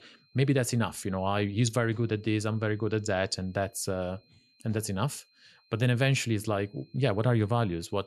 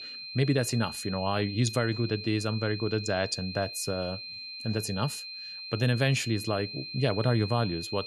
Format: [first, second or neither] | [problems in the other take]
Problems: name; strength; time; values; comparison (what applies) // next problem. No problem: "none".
first | high-pitched whine; loud; throughout; 4 kHz, 8 dB below the speech; faint in the first